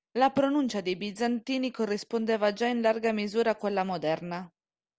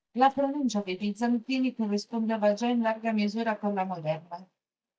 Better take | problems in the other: first | noise reduction (neural mask model DeepFilterNet 3)

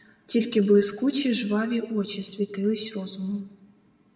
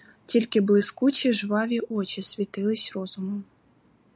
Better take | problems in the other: second | room echo; dies away in 0.9 s

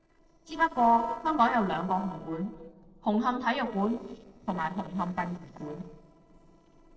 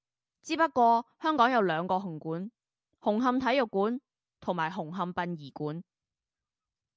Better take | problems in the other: second | noise reduction (neural separator model SepFormer DNS4)

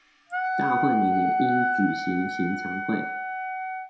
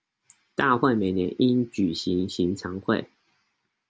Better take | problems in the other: second | background sound (Wind instrument, woodwind instrument); 2 dB above the speech // room echo; dies away in 0.6 s

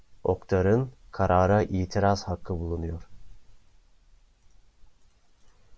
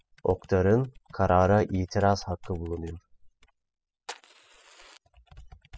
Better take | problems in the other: first | noise reduction (classical method spectral subtraction)

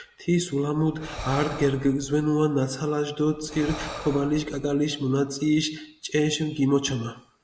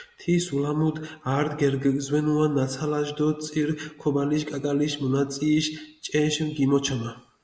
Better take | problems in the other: second | background sound (Breathing); 13 dB below the speech

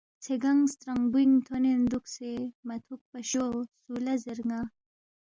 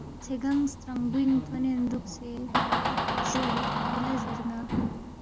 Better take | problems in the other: first | background sound (Door); 1 dB below the speech

